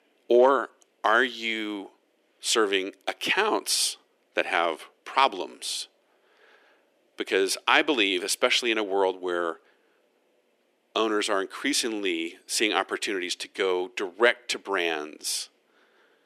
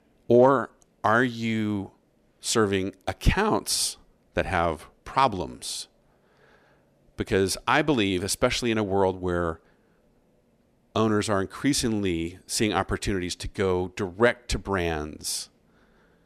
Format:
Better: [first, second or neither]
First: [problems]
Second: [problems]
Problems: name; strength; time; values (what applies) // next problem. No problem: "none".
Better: second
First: thin; somewhat; fading below 350 Hz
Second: none